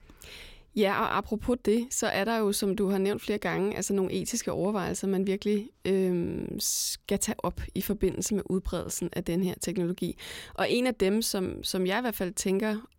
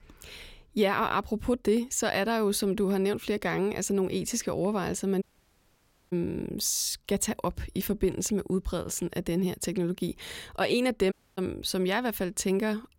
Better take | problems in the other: first | audio cutting out; at 5 s for 1 s and at 11 s

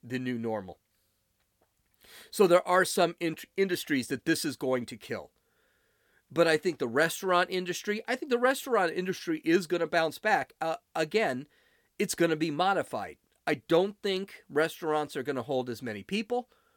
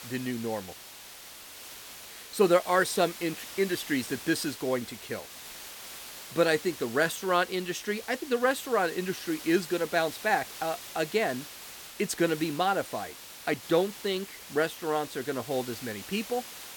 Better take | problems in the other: first | hiss; noticeable; throughout; 15 dB below the speech

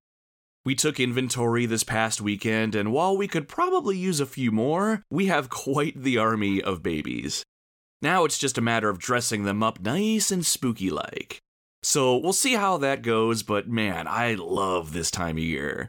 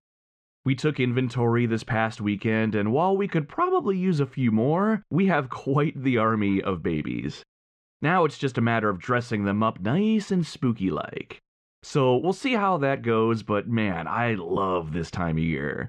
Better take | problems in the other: first | muffled; very; fading above 2.5 kHz

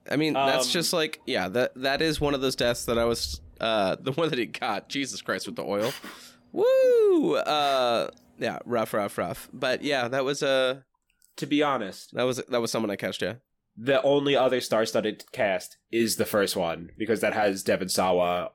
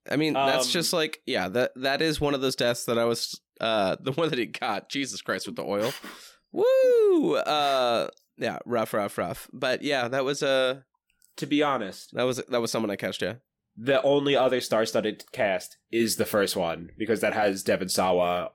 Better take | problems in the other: second | household noises; faint; throughout; 30 dB below the speech

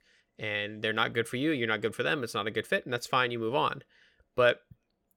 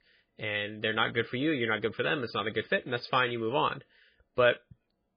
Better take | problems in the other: first | garbled, watery; badly; nothing above 5 kHz

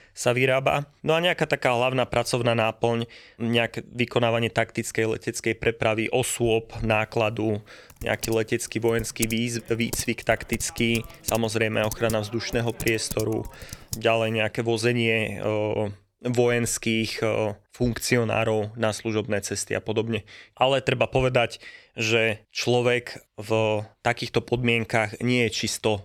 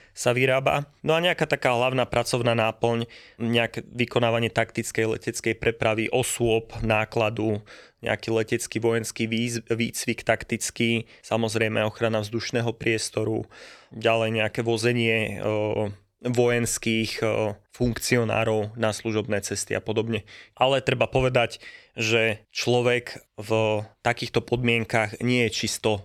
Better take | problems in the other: second | keyboard typing; noticeable; from 8 to 14 s; peak 7 dB below the speech

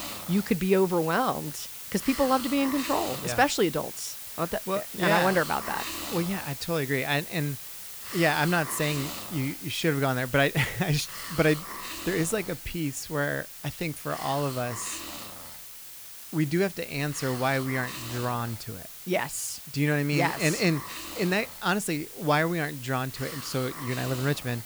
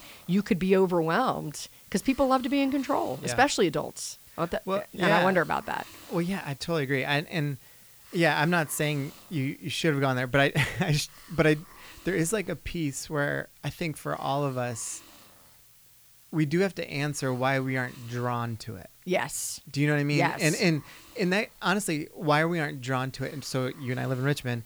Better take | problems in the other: second | hiss; loud; throughout; 9 dB below the speech; faint in the second

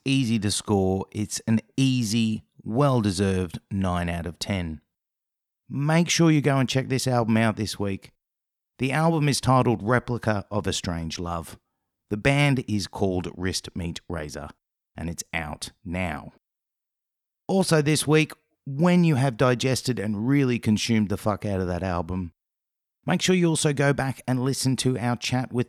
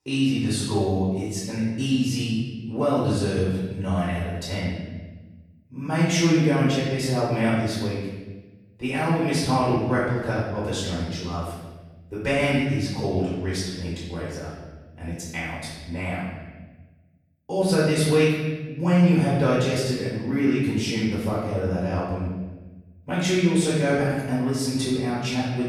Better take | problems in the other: first | off-mic speech; far // room echo; strong; dies away in 1.2 s

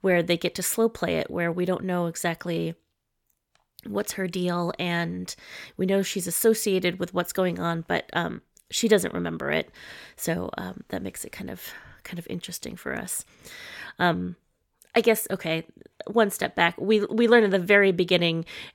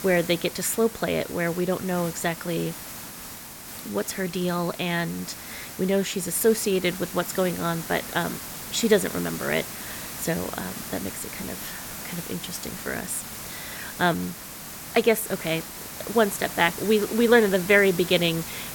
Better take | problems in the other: first | hiss; noticeable; throughout; 10 dB below the speech

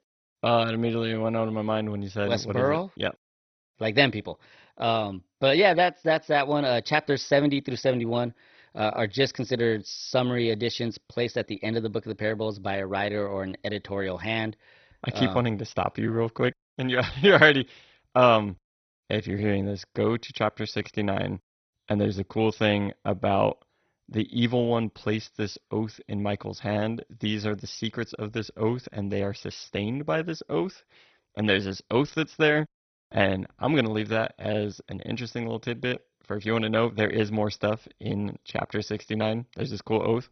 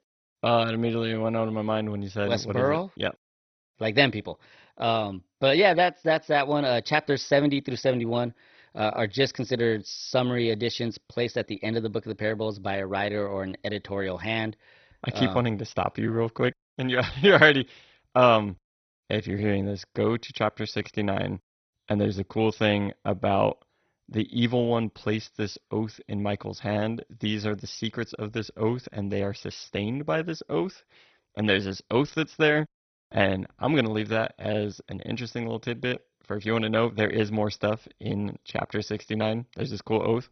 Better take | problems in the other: neither | garbled, watery; badly; nothing above 6 kHz; the same in both

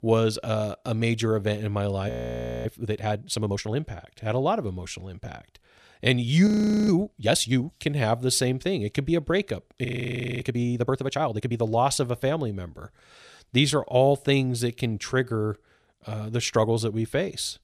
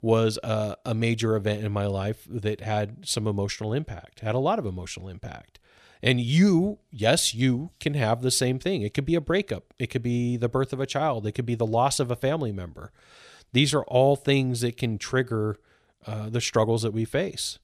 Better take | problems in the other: second | audio freezing; at 2 s for 0.5 s, at 6.5 s and at 10 s for 0.5 s

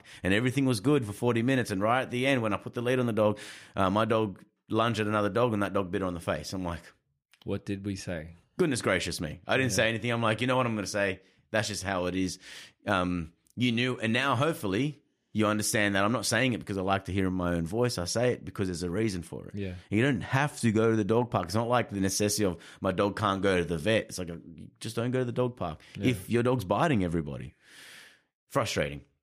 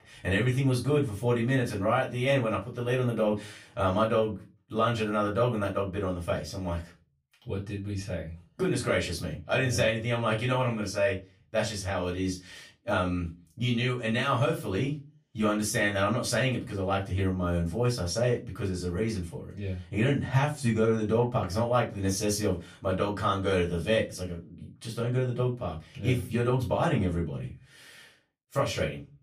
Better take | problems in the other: first | off-mic speech; far // room echo; very slight; dies away in 0.2 s

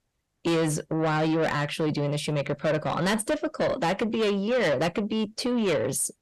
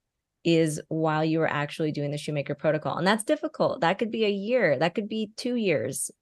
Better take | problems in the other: second | distortion; heavy; 7 dB below the speech

